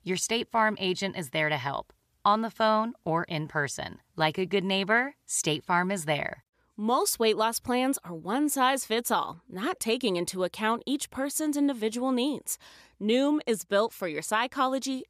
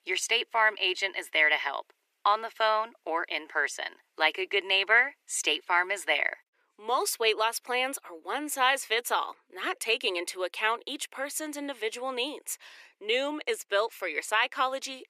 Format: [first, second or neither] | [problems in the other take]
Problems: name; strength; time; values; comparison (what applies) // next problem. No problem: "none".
first | thin; very; fading below 350 Hz